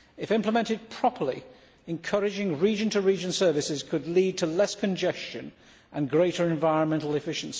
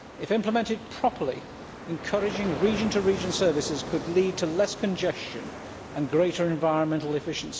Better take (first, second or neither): first